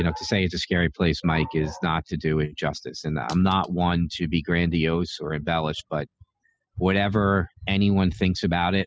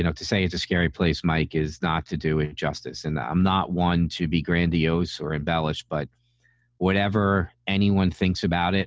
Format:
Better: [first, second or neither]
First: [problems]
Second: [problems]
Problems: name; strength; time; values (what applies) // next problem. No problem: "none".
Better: second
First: noise reduction (classical method spectral subtraction)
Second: none